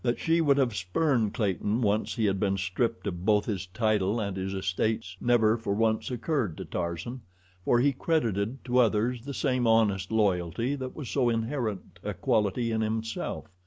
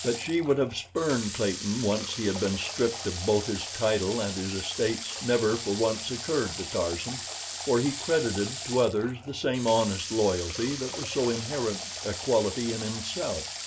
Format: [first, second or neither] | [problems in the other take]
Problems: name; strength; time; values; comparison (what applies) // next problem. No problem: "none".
first | background sound (Water tap, faucet / Water); 8 dB below the speech // room echo; dies away in 0.2 s